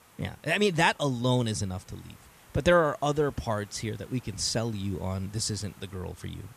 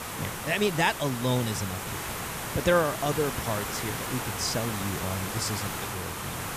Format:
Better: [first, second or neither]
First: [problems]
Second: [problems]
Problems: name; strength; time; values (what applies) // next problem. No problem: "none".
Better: first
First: hiss; faint; throughout; 25 dB below the speech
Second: hiss; loud; throughout; 3 dB below the speech